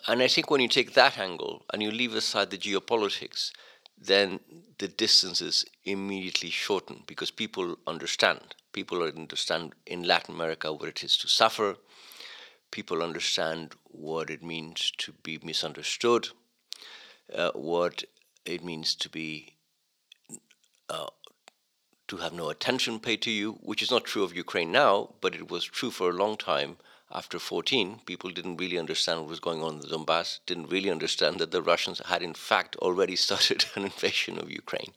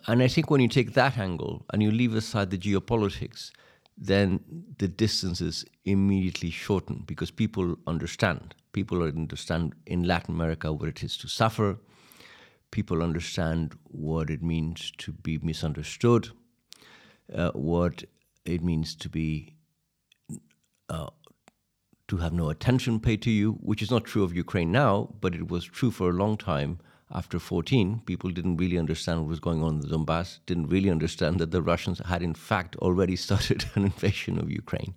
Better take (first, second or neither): second